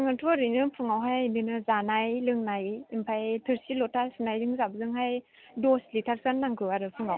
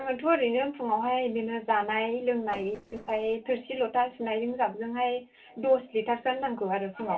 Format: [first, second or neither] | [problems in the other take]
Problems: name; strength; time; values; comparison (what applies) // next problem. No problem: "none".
first | noise reduction (neural separator model SepFormer DNS4)